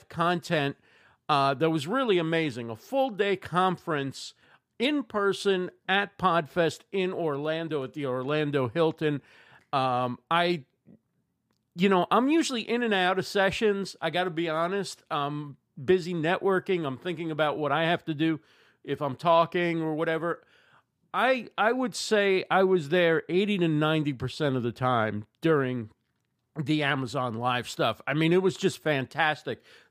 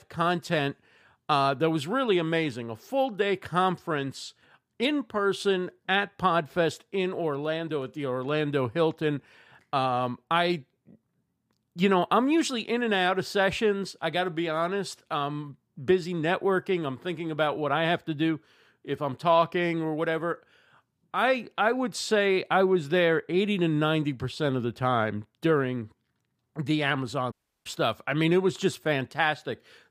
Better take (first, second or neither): first